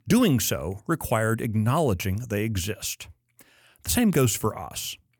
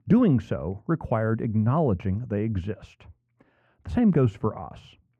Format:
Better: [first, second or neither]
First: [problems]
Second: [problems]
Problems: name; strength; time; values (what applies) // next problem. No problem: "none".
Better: first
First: none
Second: muffled; very; fading above 1 kHz